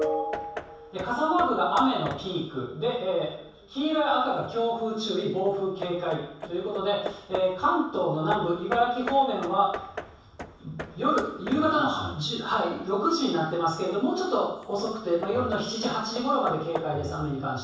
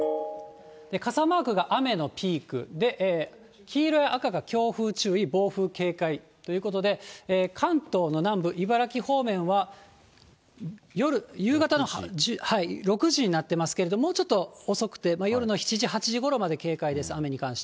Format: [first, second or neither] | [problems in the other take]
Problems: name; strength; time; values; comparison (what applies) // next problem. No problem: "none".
second | background sound (Hammer / Wood); 14 dB below the speech // room echo; dies away in 0.7 s